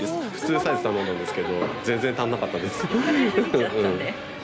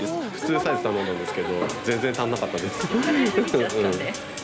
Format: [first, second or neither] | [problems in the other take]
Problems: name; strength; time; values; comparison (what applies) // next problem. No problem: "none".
first | background sound (Fire); 18 dB below the speech